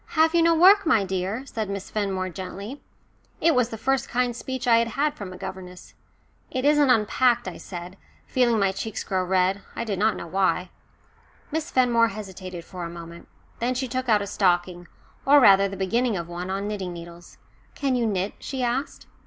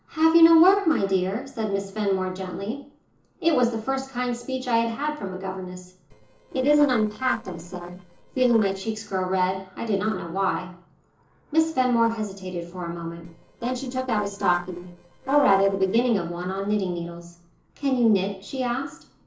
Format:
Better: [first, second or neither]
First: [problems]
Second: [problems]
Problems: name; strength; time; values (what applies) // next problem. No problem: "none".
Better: first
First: none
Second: noise reduction (neural separator model SepFormer DNS4)